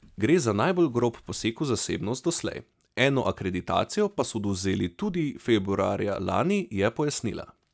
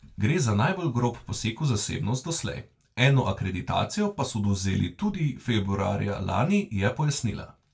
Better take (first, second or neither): first